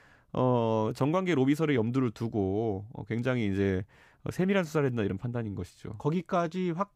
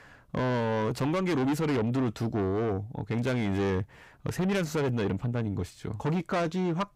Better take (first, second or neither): first